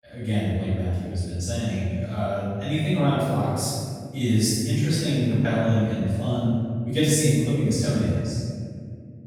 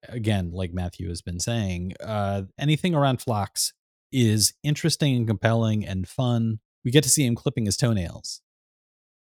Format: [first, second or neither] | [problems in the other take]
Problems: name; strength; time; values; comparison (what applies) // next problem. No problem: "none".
second | off-mic speech; far // room echo; strong; dies away in 2.1 s